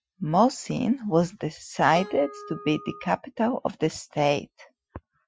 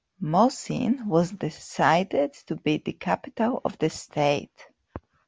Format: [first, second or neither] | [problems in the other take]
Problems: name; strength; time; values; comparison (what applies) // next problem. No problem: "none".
second | noise reduction (classical method Wiener filter)